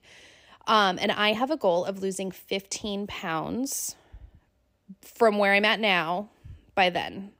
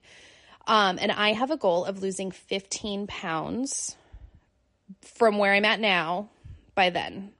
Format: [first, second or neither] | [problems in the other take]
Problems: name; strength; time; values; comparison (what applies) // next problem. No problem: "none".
first | garbled, watery; slightly; nothing above 10.5 kHz